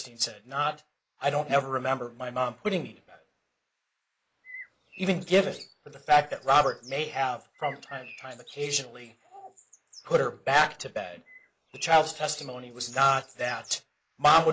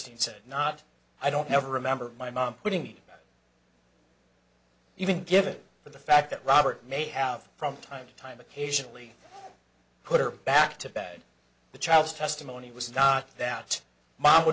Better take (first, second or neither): second